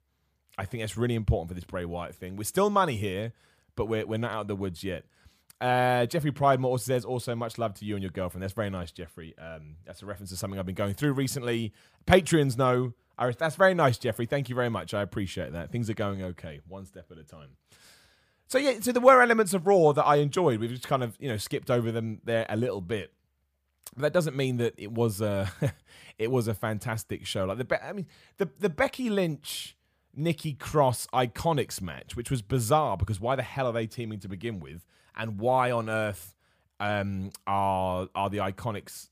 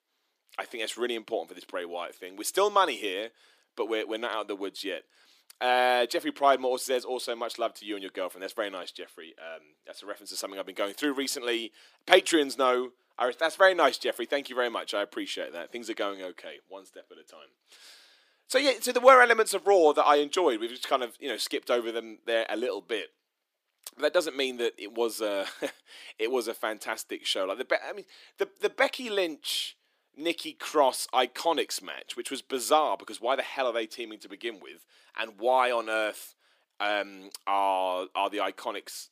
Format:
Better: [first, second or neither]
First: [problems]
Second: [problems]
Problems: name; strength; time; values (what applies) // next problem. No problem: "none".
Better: first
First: none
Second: thin; somewhat; fading below 300 Hz